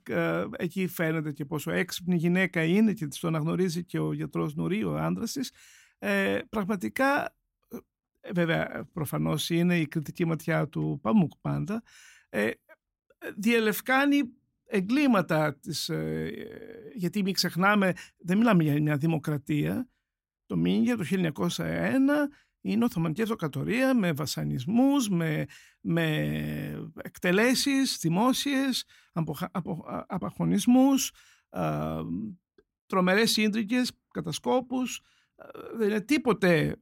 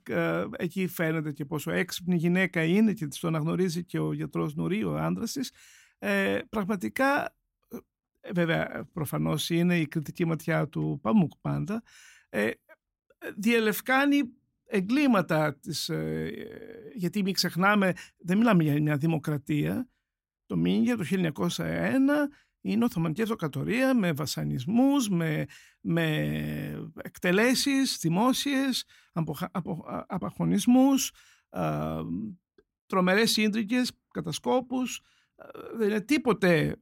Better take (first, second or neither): neither